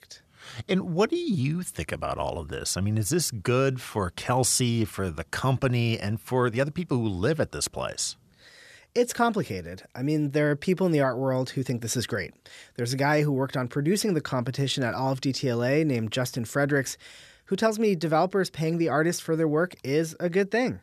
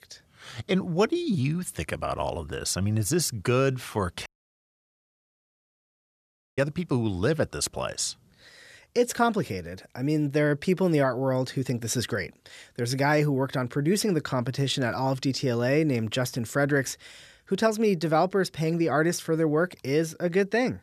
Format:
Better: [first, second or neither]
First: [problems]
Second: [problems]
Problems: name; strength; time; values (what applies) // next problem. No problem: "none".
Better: first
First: none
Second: audio cutting out; at 4.5 s for 2.5 s